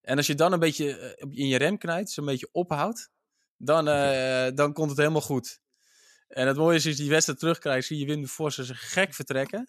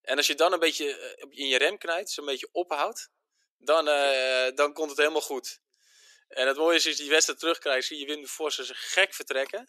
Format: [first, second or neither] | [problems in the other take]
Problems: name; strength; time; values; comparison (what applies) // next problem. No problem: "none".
first | thin; very; fading below 350 Hz